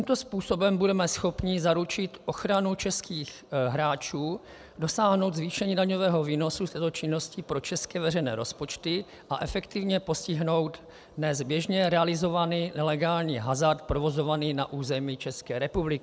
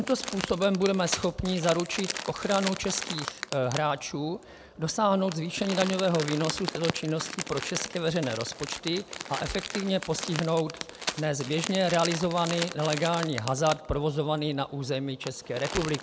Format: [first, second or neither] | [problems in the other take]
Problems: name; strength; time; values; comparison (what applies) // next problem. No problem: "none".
first | background sound (Crumpling, crinkling); 9 dB below the speech